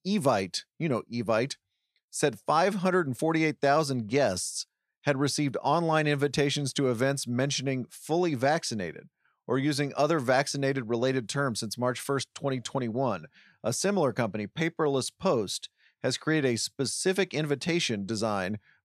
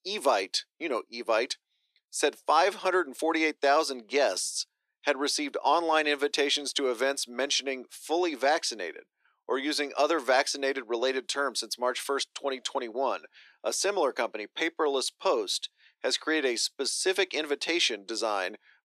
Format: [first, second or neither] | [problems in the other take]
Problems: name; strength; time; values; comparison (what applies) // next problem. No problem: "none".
first | thin; somewhat; fading below 300 Hz